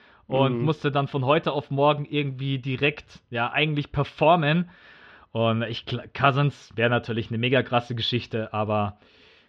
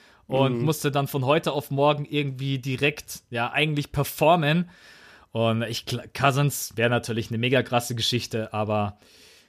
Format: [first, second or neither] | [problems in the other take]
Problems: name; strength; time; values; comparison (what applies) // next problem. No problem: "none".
second | muffled; slightly; fading above 3.5 kHz